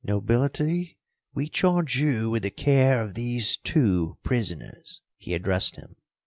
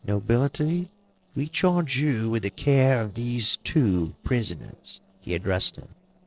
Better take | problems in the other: first | noise reduction (neural separator model SepFormer DNS4)

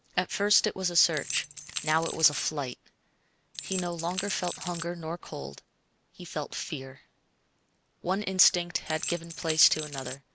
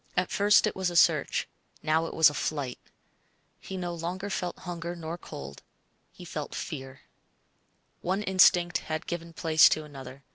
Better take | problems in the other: second | background sound (Rattle / Keys jangling); 6 dB below the speech

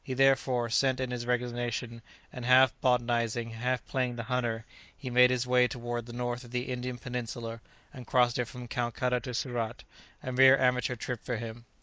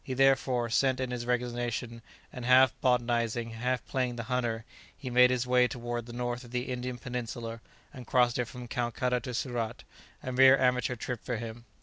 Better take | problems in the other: second | noise reduction (neural mask model Resemble Enhance denoiser)

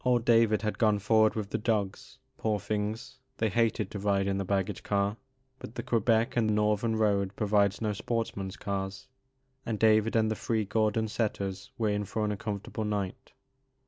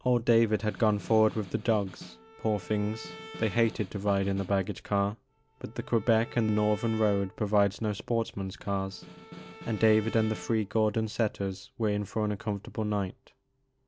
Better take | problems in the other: first | background sound (Bowed string instrument + Snare drum); 18 dB below the speech

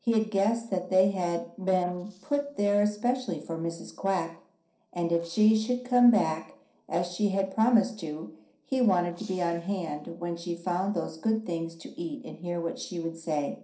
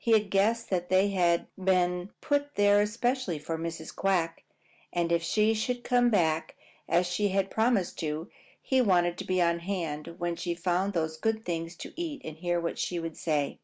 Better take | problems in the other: second | noise reduction (neural separator model SepFormer DNS4)

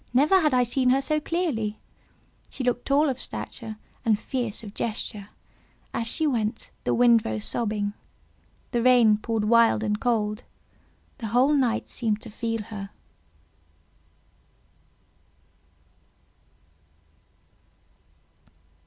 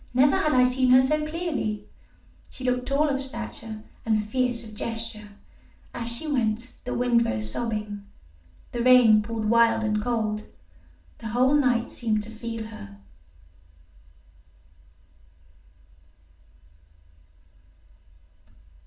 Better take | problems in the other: first | room echo; dies away in 0.4 s

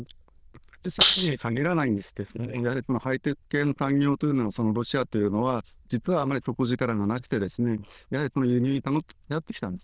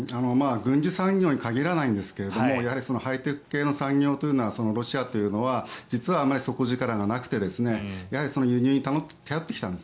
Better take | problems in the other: second | noise reduction (neural diffusion model UNIVERSE++)

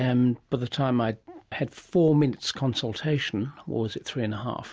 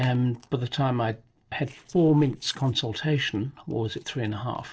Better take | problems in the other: first | noise reduction (neural separator model SepFormer DNS4)

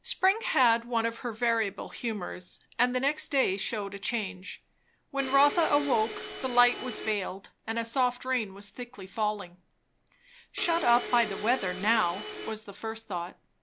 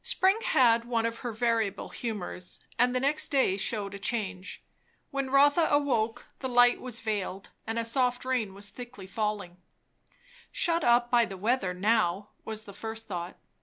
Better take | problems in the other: second | background sound (Domestic sounds, home sounds); 8 dB below the speech

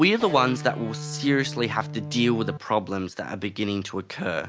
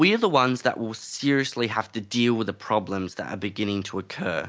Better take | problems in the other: second | background sound (Electric guitar); 9 dB below the speech

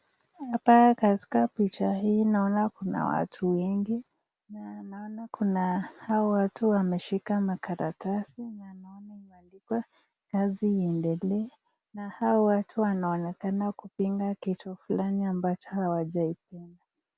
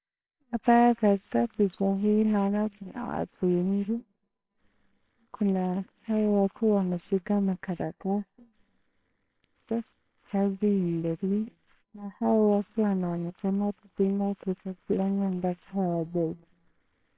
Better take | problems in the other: first | noise reduction (neural separator model SepFormer WHAMR!)

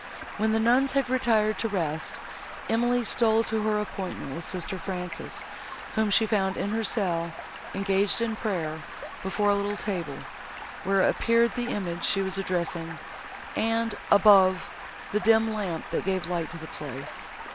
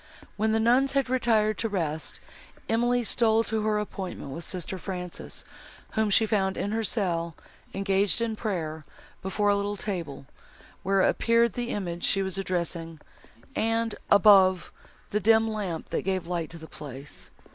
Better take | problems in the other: second | background sound (Stream); 12 dB below the speech

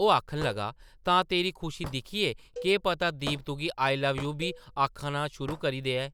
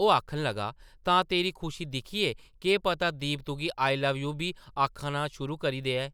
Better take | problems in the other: second | background sound (Cowbell + Hammer / Wood); 16 dB below the speech

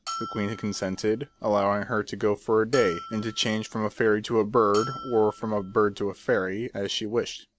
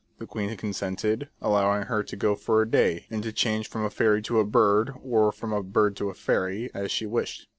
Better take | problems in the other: second | background sound (Bell); 15 dB below the speech

